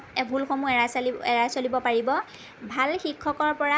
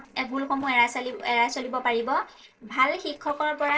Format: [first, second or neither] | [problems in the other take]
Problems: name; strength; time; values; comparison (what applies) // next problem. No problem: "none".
first | noise reduction (neural separator model SepFormer DNS4)